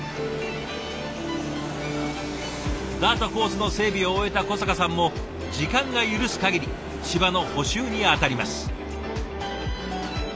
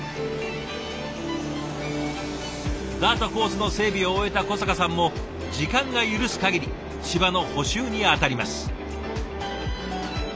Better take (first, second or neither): second